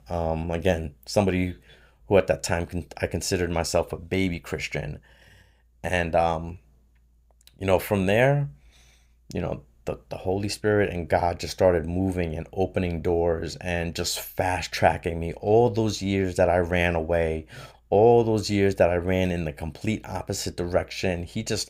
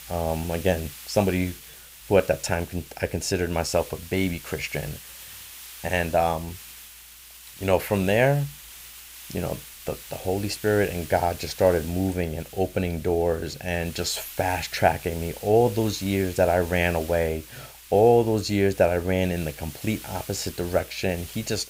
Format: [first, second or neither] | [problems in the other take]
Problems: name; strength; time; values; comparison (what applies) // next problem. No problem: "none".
first | hiss; noticeable; throughout; 15 dB below the speech